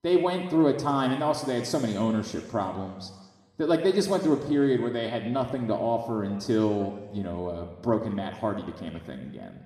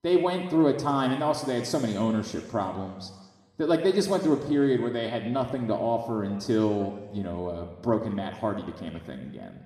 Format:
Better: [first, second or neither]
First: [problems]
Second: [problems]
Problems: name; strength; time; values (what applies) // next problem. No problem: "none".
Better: neither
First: room echo; slight; dies away in 1.2 s // off-mic speech; somewhat distant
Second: room echo; slight; dies away in 1.2 s // off-mic speech; somewhat distant